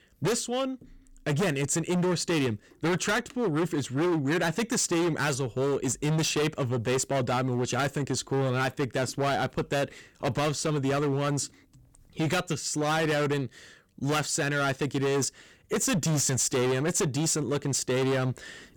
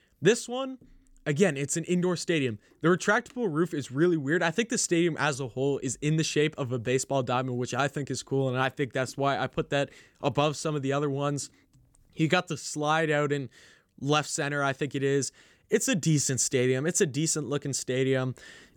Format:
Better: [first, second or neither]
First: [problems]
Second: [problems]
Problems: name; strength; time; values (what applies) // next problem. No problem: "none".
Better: second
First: distortion; heavy; 21% of the sound clipped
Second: none